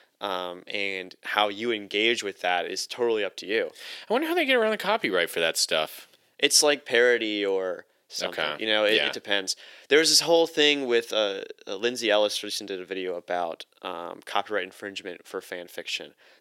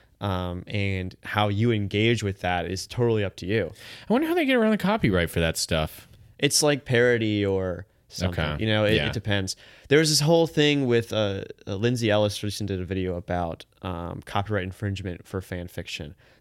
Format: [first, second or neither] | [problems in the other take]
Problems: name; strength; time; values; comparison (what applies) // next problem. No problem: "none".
second | thin; somewhat; fading below 350 Hz